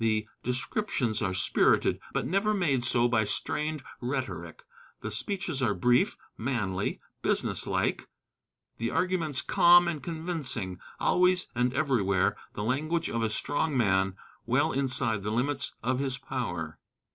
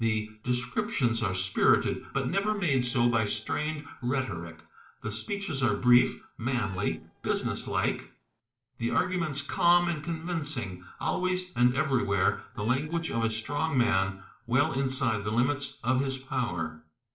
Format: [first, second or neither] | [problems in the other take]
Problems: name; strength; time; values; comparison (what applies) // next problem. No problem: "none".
first | noise reduction (neural separator model SepFormer DNS4)